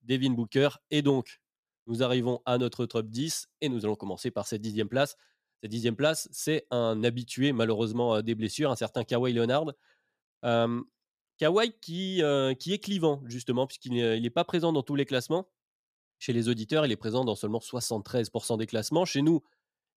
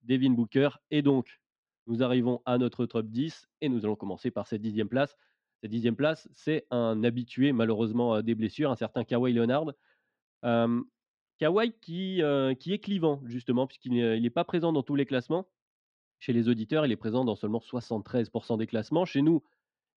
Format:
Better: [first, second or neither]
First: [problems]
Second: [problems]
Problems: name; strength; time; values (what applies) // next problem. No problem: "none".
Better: first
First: none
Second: muffled; slightly; fading above 3 kHz